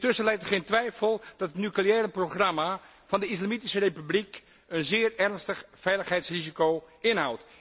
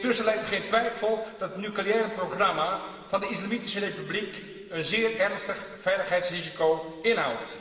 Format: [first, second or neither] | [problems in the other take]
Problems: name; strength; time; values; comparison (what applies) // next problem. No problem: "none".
first | room echo; dies away in 2.4 s